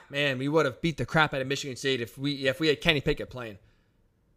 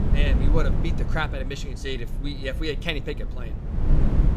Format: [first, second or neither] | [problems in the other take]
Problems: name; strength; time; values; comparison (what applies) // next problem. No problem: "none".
first | wind noise on the microphone; heavy; 8 dB below the speech